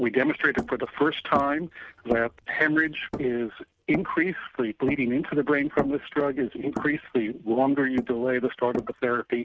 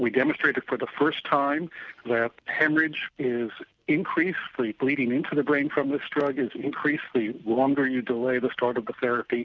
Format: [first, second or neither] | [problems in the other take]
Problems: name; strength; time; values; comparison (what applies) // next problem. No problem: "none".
second | noise reduction (neural mask model RNNoise)